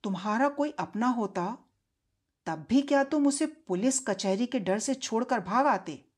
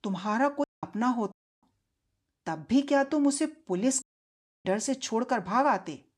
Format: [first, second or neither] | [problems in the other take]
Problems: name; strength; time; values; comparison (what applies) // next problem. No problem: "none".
first | audio cutting out; at 0.5 s, at 1.5 s and at 4 s for 0.5 s